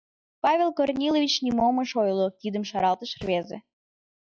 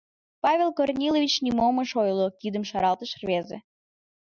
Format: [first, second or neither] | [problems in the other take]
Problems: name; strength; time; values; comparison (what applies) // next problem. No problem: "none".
second | noise reduction (classical method log-MMSE)